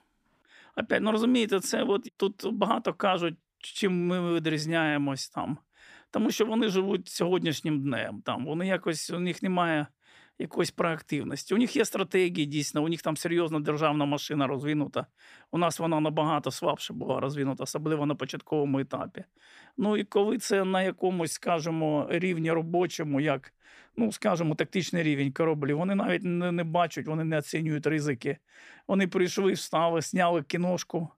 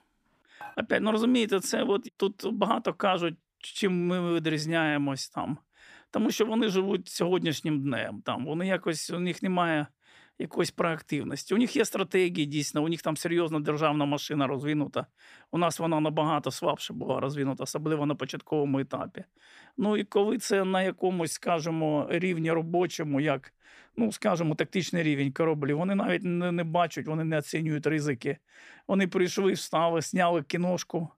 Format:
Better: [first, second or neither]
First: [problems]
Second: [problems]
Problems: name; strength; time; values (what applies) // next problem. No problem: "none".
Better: first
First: none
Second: clattering dishes; faint; at 0.5 s; peak 20 dB below the speech